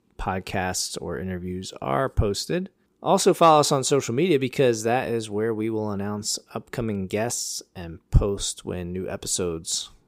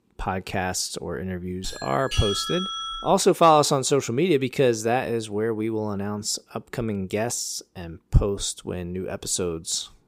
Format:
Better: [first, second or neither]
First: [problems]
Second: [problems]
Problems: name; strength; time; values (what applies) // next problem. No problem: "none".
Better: first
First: none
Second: doorbell; noticeable; from 1.5 to 3 s; peak 2 dB below the speech